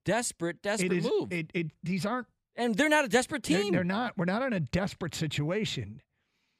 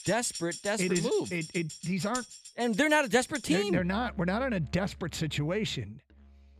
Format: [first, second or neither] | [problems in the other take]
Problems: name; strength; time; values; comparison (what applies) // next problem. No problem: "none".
first | background music; noticeable; throughout; 15 dB below the speech